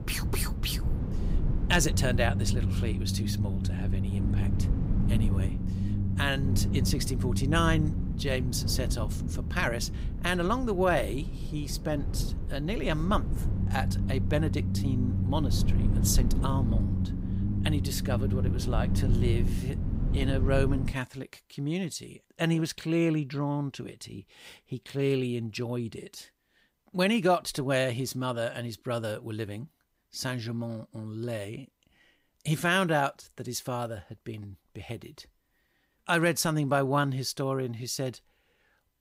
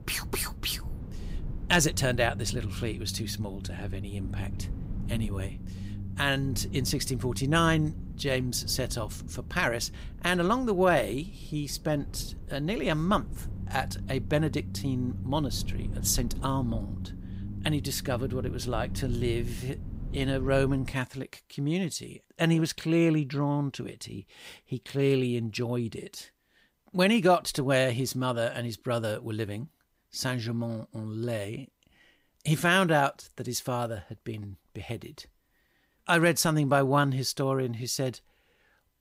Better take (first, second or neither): second